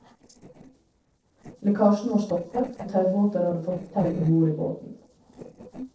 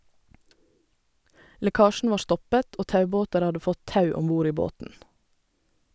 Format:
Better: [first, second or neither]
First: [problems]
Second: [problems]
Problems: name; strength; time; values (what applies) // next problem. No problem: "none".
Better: second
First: noise reduction (neural separator model SepFormer DNS4)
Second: none